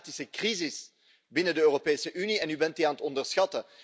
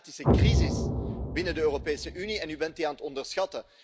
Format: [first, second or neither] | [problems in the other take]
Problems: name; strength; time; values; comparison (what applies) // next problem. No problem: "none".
first | background sound (Explosion); 4 dB above the speech